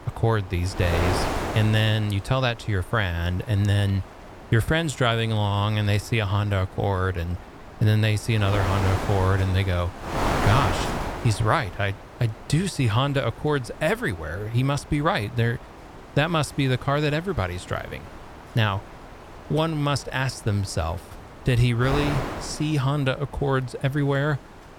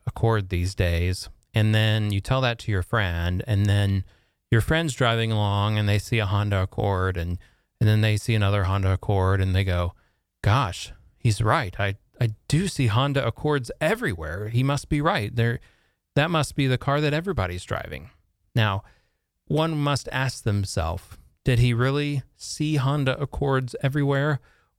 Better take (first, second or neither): second